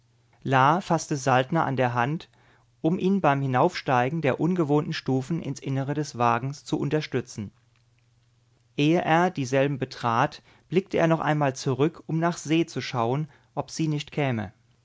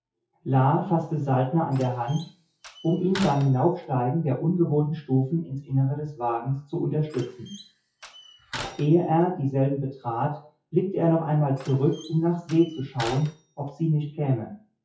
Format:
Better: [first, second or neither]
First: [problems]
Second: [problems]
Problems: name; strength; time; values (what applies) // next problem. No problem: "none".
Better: first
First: none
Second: noise reduction (classical method WPE with log-MMSE)